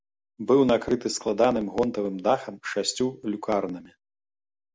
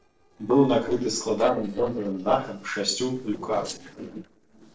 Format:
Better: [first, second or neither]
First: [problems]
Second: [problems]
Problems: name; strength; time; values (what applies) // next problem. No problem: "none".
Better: first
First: none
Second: noise reduction (neural separator model SepFormer DNS4)